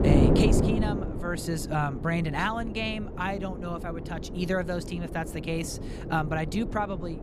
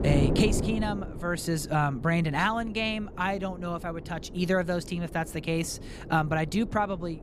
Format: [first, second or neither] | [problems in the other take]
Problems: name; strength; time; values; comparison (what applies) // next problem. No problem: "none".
second | wind noise on the microphone; heavy; 5 dB below the speech; occasional gusts in the second